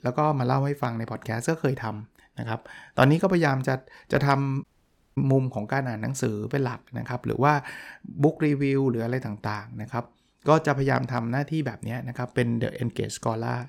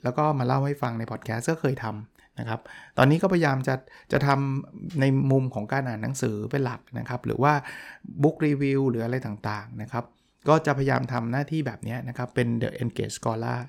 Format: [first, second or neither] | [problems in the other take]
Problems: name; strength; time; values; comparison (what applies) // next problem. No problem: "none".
second | audio cutting out; at 4.5 s for 0.5 s